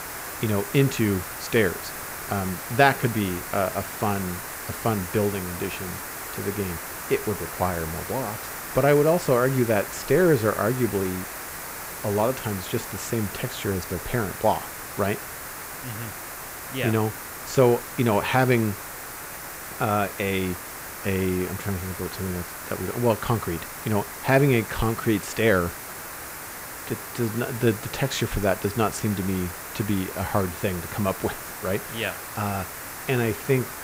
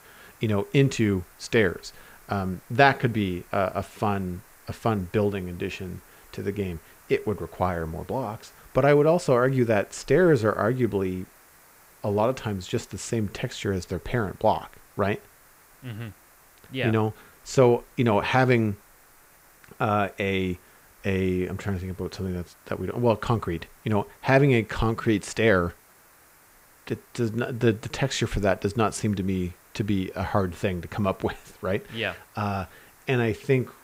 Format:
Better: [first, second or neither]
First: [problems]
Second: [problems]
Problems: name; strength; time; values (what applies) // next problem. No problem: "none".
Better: second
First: hiss; loud; throughout; 8 dB below the speech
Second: hiss; faint; throughout; 25 dB below the speech